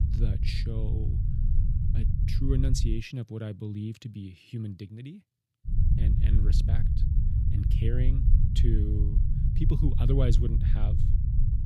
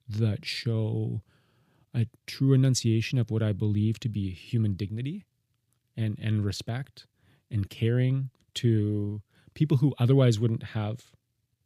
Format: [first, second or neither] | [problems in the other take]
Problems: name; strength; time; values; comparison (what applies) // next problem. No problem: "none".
second | low rumble; loud; until 3 s and from 5.5 s on; 3 dB below the speech